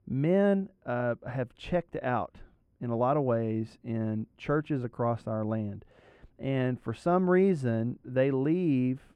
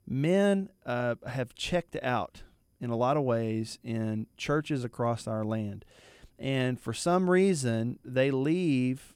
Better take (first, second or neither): second